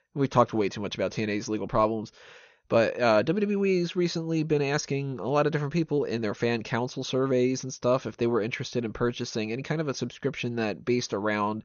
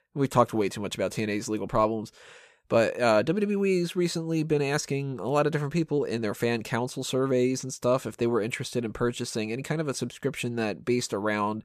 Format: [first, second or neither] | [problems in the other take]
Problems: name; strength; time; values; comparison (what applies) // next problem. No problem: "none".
second | garbled, watery; slightly; nothing above 6.5 kHz